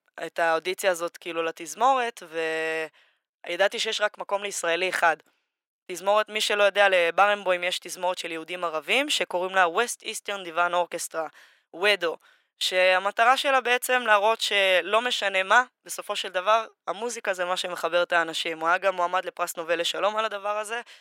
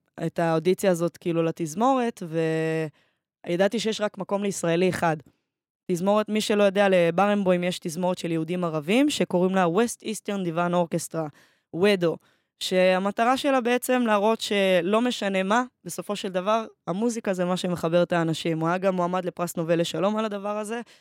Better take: second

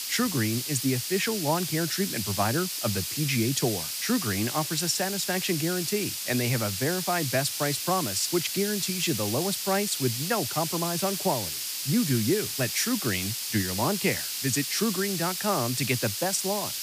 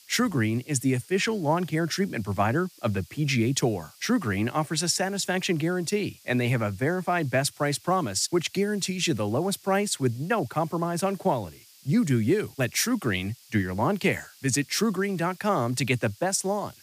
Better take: second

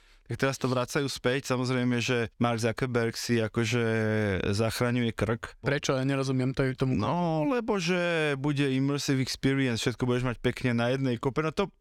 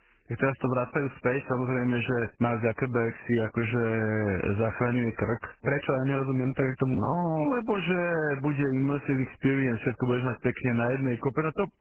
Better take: first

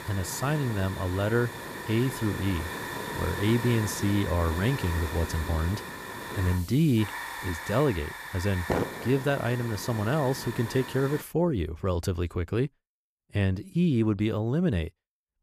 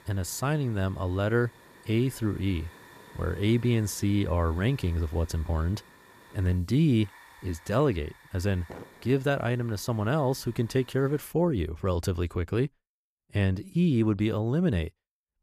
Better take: second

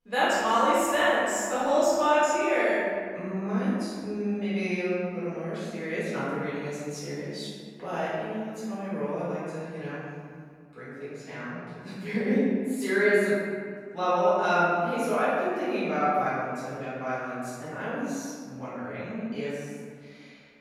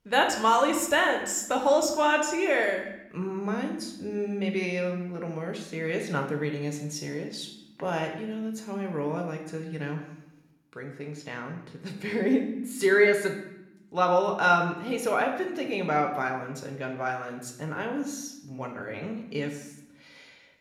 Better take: second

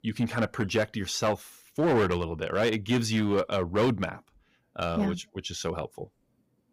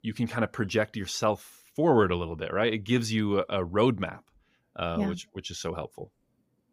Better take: second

